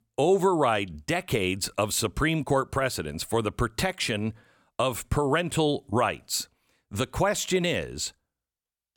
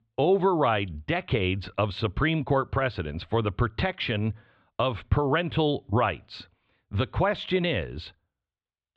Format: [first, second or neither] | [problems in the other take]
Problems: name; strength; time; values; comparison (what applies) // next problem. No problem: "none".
first | muffled; very; fading above 3.5 kHz